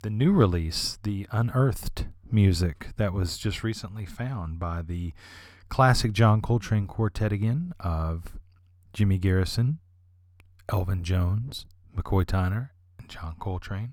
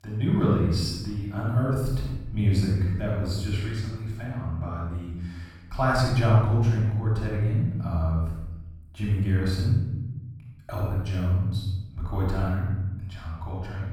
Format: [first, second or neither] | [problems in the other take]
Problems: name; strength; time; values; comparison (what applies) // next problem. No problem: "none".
first | off-mic speech; far // room echo; strong; dies away in 1.2 s